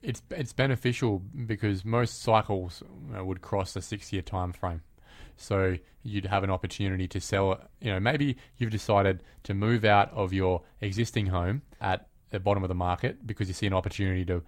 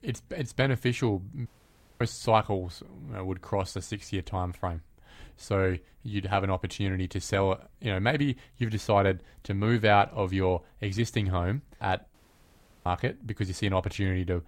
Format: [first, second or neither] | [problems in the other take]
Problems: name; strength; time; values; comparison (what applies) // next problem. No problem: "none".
first | audio cutting out; at 1.5 s for 0.5 s and at 12 s for 0.5 s